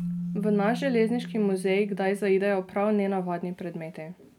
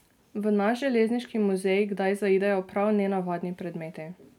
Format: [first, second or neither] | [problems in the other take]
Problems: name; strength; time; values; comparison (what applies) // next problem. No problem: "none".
second | background sound (Keyboard (musical)); 11 dB below the speech